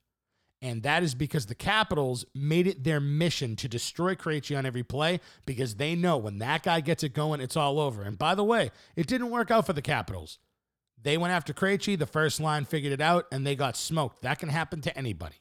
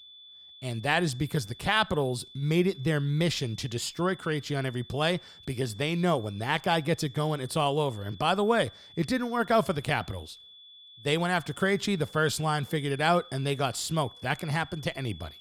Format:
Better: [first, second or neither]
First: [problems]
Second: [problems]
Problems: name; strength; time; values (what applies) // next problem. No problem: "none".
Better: first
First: none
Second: high-pitched whine; noticeable; throughout; 3.5 kHz, 20 dB below the speech